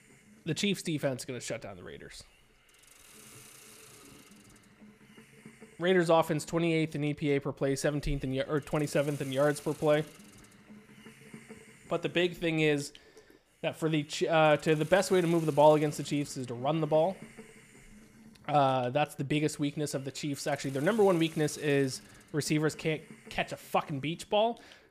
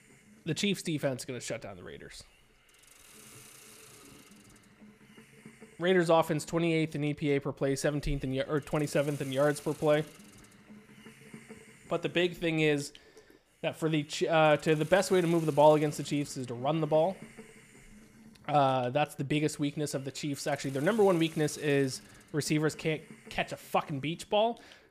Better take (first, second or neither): neither